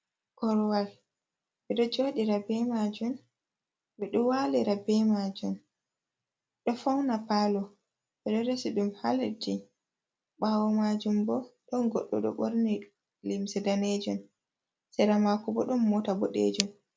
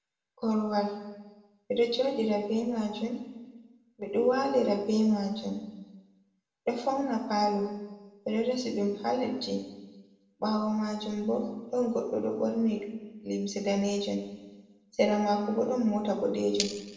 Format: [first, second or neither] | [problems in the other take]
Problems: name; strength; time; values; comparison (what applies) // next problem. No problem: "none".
first | room echo; dies away in 1 s